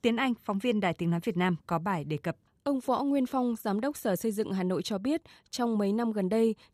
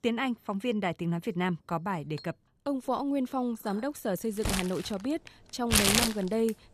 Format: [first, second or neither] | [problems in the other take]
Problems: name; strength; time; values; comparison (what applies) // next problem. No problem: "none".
first | household noises; very loud; throughout; 5 dB above the speech